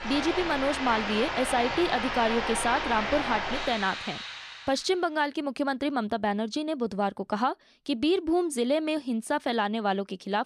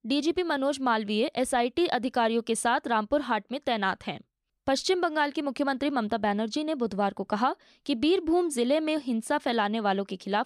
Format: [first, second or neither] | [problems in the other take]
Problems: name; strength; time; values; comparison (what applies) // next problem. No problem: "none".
second | rain or running water; loud; until 4.5 s; 3 dB below the speech